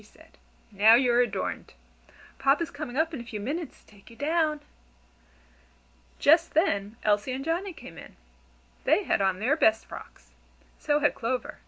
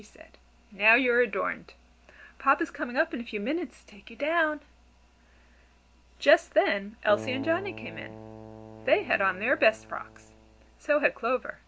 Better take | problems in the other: first | background sound (Keyboard (musical)); 14 dB below the speech

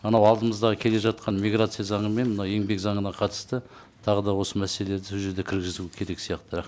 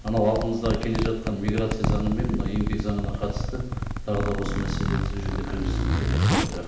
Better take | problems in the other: first | background sound (Zipper (clothing)); 2 dB above the speech // room echo; dies away in 0.8 s

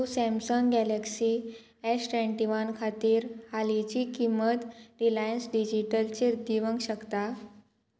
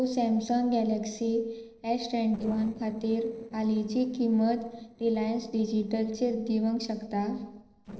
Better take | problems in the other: first | noise reduction (neural separator model SepFormer DNS4)

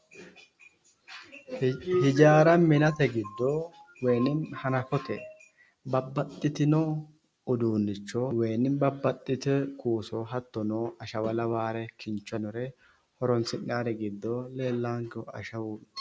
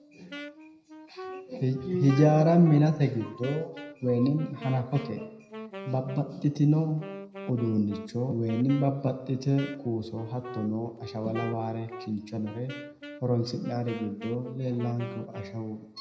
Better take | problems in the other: first | background sound (Wind instrument, woodwind instrument); 15 dB below the speech // room echo; dies away in 0.7 s

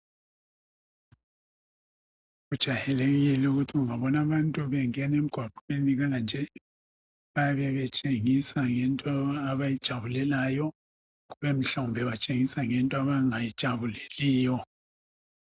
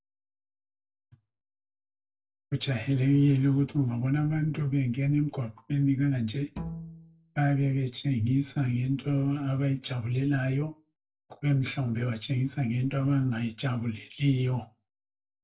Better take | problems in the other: first | background sound (Bowed string instrument); 13 dB below the speech // room echo; dies away in 0.2 s

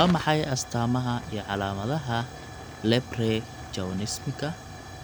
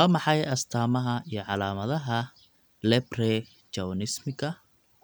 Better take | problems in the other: second | background sound (Tick / Hiss / Explosion / Fire); 12 dB below the speech

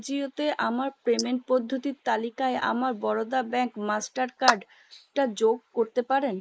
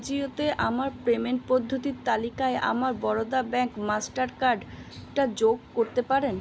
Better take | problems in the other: second | noise reduction (neural mask model Resemble Enhance denoiser)

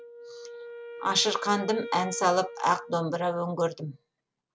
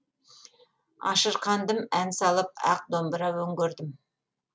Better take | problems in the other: second | background sound (Wind instrument, woodwind instrument); 14 dB below the speech

